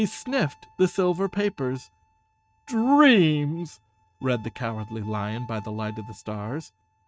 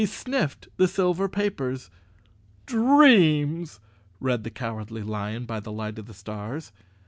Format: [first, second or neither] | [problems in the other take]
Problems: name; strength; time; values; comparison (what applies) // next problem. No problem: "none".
second | noise reduction (neural mask model RNNoise)